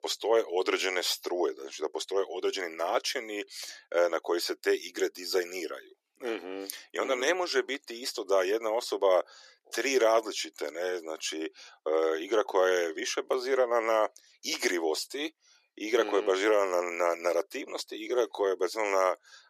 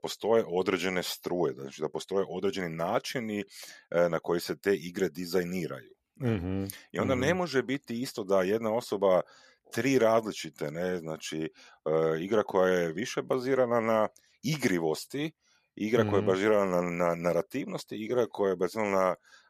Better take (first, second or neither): second